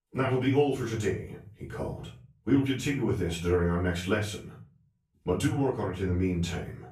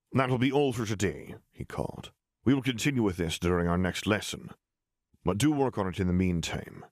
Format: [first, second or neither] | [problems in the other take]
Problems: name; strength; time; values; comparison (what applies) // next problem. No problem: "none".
second | off-mic speech; far // room echo; slight; dies away in 0.4 s